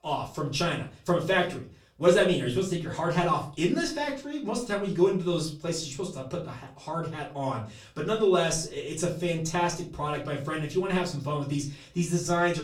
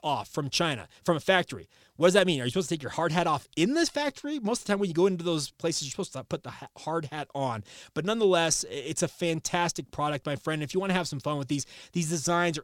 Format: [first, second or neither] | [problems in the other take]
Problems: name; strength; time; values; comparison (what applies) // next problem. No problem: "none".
second | off-mic speech; far // room echo; slight; dies away in 0.3 s